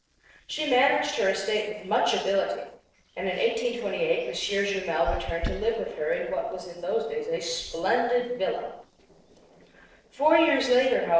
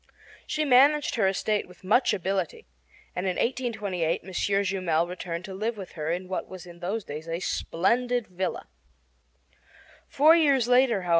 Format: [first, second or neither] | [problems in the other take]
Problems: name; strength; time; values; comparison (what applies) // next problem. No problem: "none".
second | noise reduction (neural separator model SepFormer DNS4)